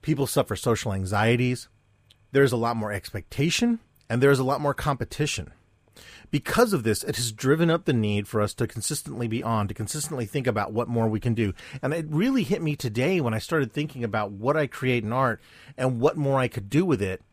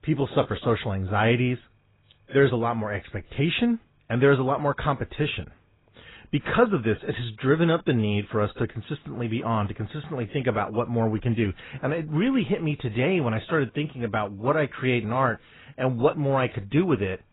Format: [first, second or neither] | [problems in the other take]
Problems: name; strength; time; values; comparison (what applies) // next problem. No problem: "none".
first | garbled, watery; badly; nothing above 4 kHz